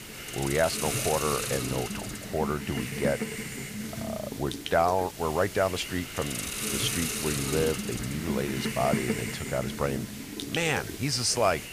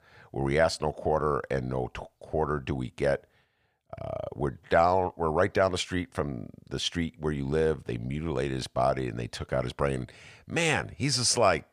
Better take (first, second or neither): second